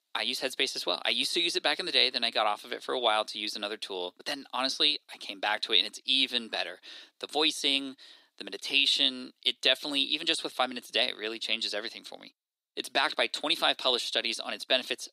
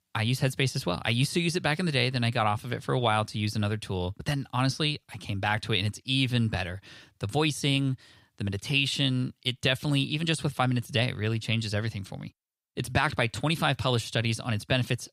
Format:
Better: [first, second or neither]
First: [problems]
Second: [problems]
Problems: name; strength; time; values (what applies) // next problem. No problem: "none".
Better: second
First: thin; somewhat; fading below 300 Hz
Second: none